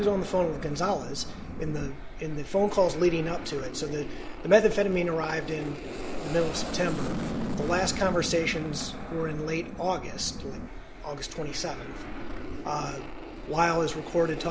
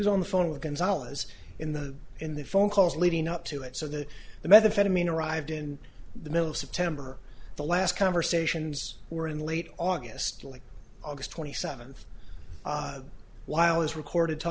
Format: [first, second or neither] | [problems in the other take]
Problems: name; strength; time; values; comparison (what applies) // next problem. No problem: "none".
second | background sound (Aircraft); 9 dB below the speech // room echo; dies away in 0.5 s